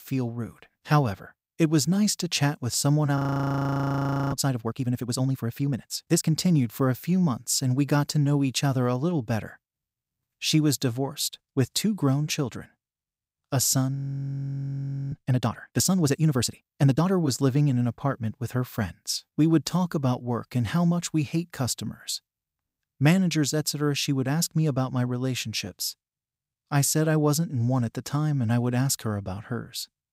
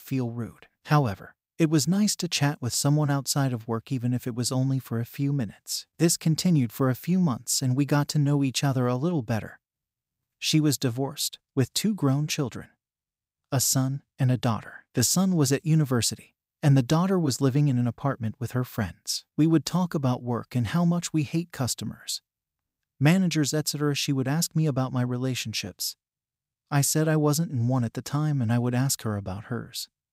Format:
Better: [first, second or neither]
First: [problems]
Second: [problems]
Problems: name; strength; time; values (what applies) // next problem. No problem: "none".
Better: second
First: audio freezing; at 3 s for 1 s and at 14 s for 1 s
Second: none